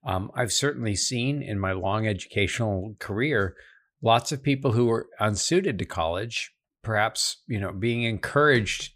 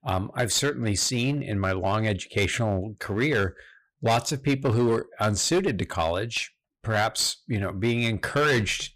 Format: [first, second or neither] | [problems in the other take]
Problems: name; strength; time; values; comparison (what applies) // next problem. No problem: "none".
first | distortion; slight; 8% of the sound clipped